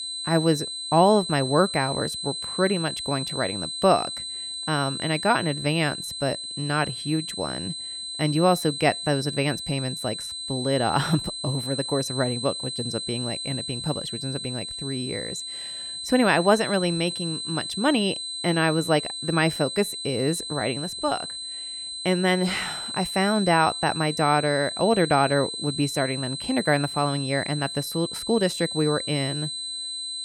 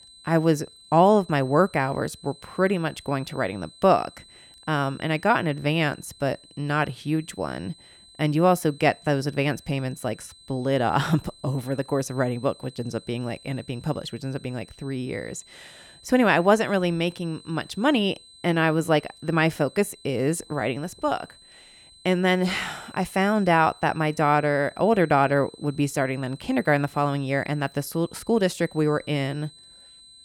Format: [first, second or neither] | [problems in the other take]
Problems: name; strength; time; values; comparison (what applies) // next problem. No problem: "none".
second | high-pitched whine; loud; throughout; 4 kHz, 5 dB below the speech; faint in the second